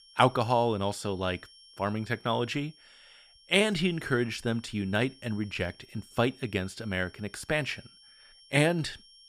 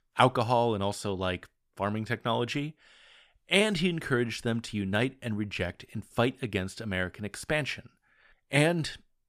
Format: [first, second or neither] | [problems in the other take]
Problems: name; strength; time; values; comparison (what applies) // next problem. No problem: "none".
second | high-pitched whine; faint; throughout; 5.5 kHz, 25 dB below the speech